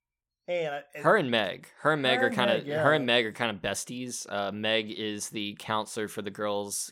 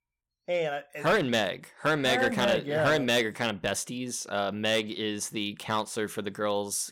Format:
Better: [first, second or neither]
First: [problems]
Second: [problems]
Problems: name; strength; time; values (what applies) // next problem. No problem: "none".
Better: first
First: none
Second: distortion; slight; 4% of the sound clipped